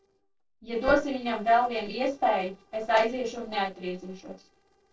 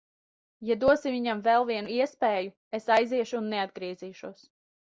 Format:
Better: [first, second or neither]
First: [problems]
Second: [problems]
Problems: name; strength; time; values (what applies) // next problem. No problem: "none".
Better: second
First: noise reduction (neural separator model SepFormer DNS4)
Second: none